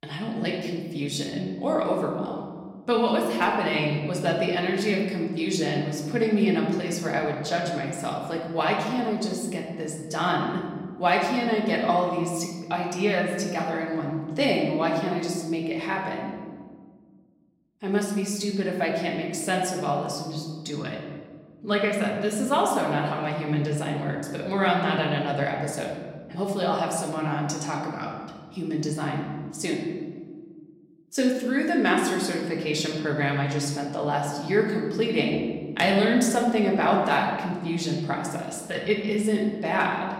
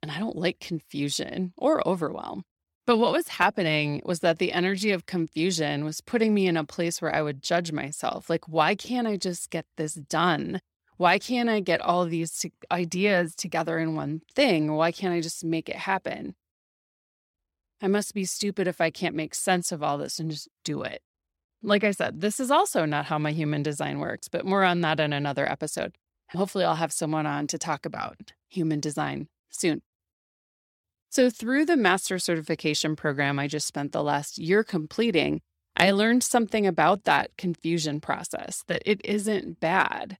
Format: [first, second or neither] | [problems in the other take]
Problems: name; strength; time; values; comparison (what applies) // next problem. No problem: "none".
second | room echo; noticeable; dies away in 1.5 s // off-mic speech; somewhat distant